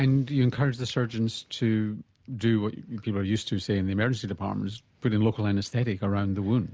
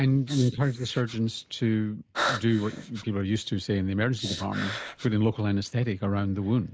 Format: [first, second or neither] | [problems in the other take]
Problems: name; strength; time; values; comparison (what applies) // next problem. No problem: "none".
first | noise reduction (neural mask model Resemble Enhance denoiser)